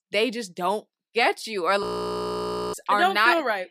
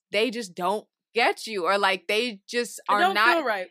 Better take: second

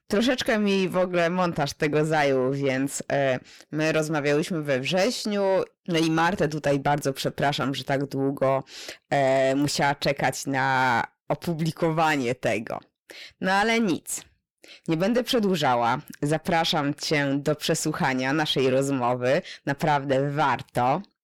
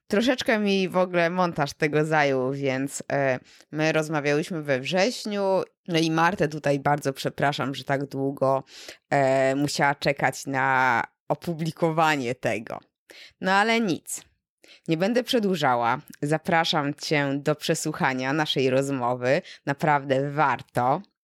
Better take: second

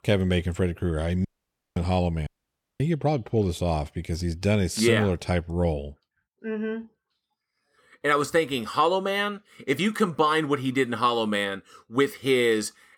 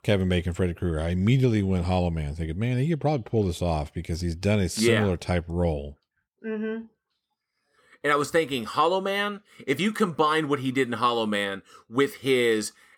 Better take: second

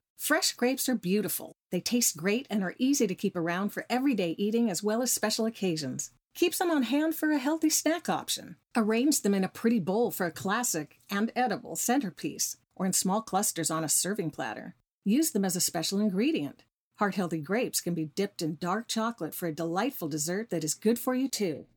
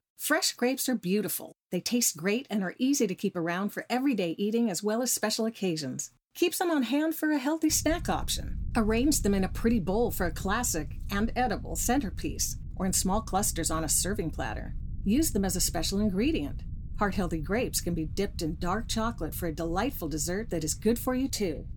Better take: first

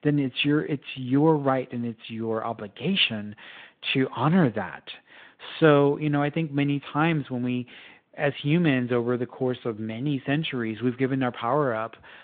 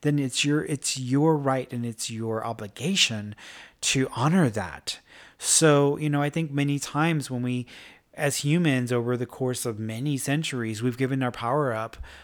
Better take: second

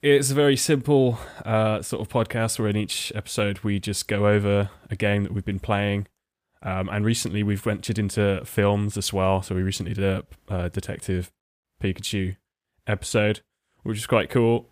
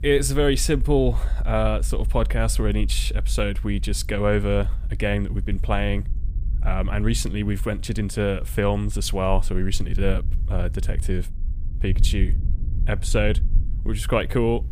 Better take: first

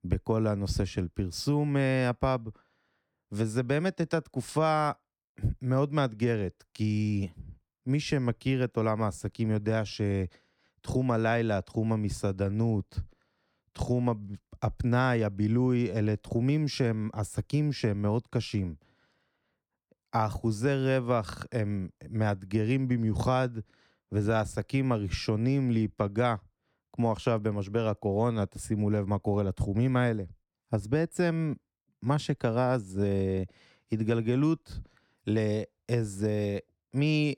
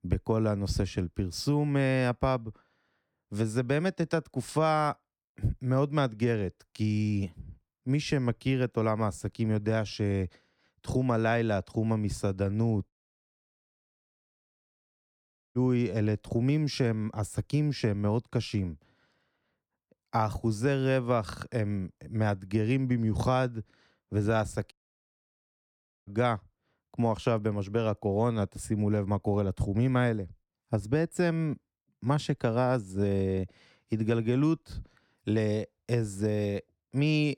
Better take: first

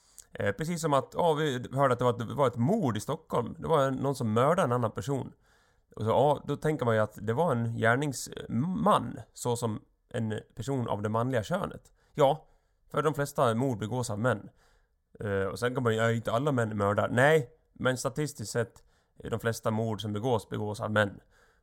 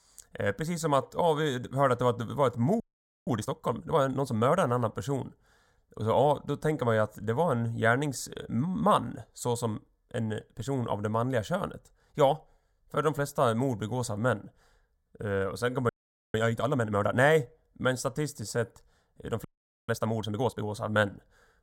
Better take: first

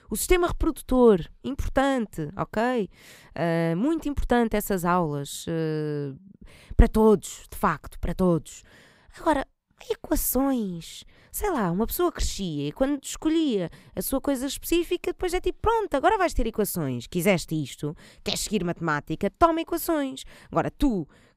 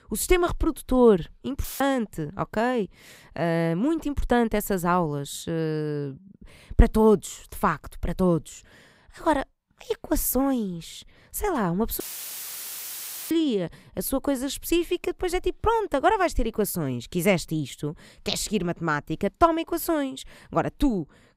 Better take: first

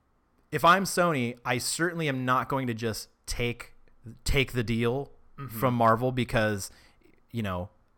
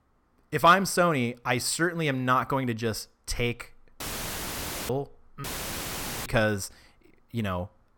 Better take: first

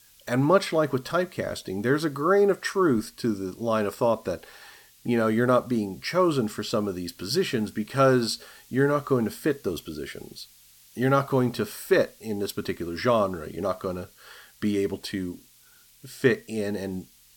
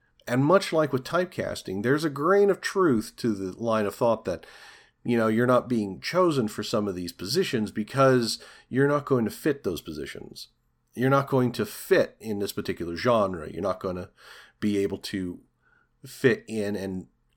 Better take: second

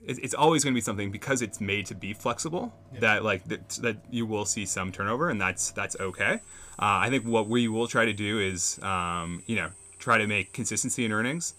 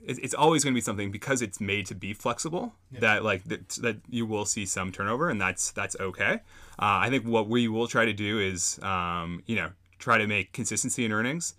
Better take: second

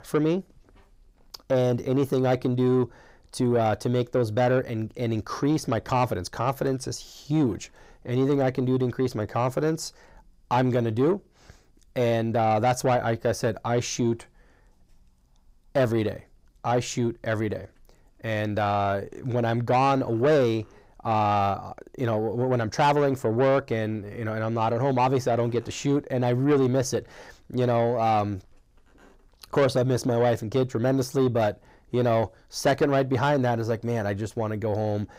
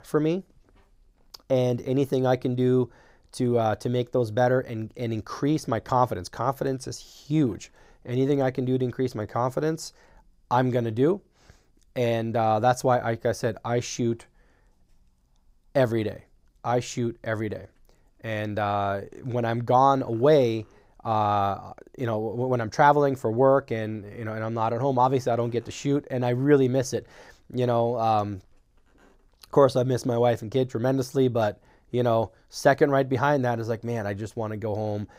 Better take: second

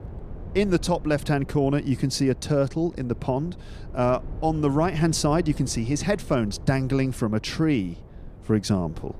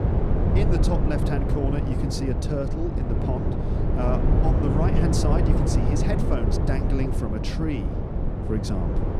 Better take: first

